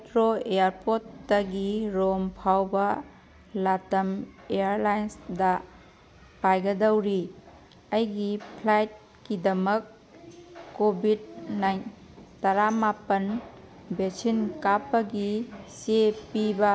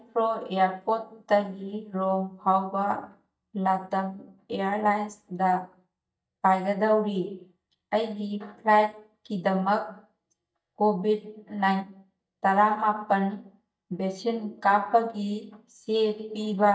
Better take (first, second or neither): first